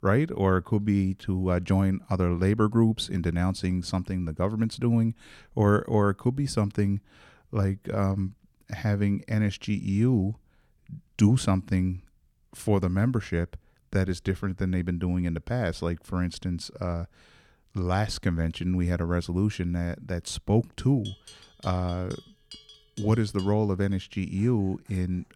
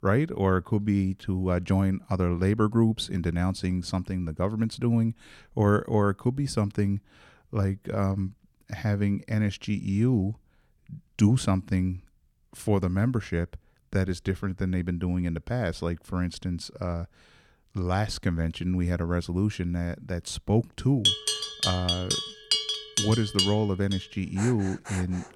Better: first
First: animal sounds; faint; from 20 s on; 20 dB below the speech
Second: animal sounds; loud; from 20 s on; as loud as the speech

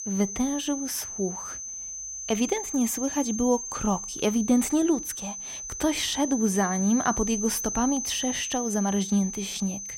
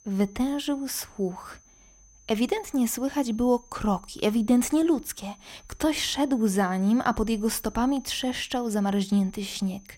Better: second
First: high-pitched whine; loud; throughout; 6 kHz, 5 dB below the speech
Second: high-pitched whine; faint; throughout; 6 kHz, 30 dB below the speech

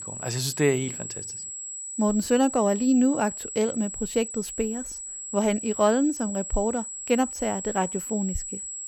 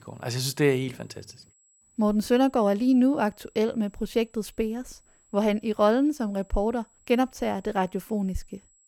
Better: second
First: high-pitched whine; loud; throughout; 7.5 kHz, 8 dB below the speech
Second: high-pitched whine; faint; throughout; 7.5 kHz, 35 dB below the speech

